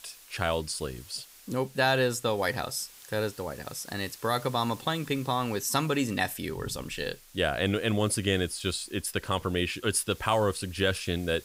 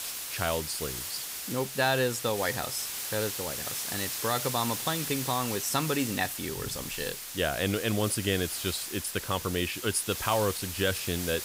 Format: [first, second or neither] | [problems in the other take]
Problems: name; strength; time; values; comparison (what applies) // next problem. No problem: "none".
first | hiss; loud; throughout; 4 dB below the speech; faint in the first